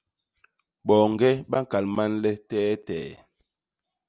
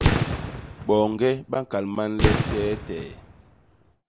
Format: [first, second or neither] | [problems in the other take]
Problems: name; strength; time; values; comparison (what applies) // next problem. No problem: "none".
first | background sound (Fireworks); as loud as the speech